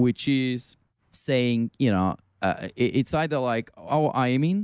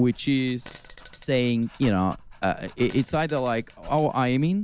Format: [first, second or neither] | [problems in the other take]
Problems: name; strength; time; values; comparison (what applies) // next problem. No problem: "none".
first | background sound (Fart + Dog); 20 dB below the speech